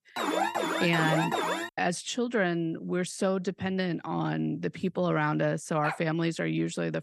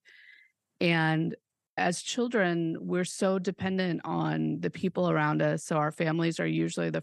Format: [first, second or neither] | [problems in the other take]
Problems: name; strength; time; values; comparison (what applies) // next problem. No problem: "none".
second | alarm; loud; until 1.5 s; peak 1 dB above the speech // dog barking; noticeable; at 6 s; peak 7 dB below the speech